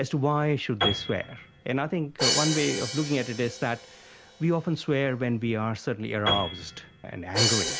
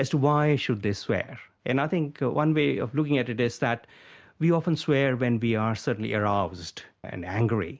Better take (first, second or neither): second